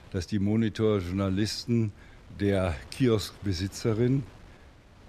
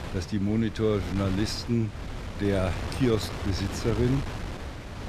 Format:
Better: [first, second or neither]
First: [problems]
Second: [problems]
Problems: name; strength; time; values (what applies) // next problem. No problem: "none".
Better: first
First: wind noise on the microphone; occasional gusts; 25 dB below the speech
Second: wind noise on the microphone; heavy; 7 dB below the speech